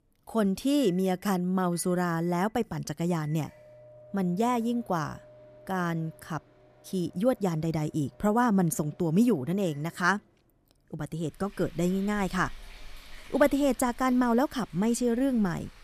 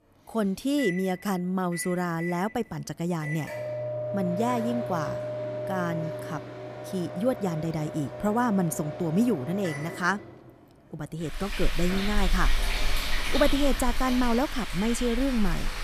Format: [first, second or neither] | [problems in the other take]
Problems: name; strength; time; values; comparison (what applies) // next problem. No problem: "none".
first | household noises; loud; throughout; 5 dB below the speech; faint in the first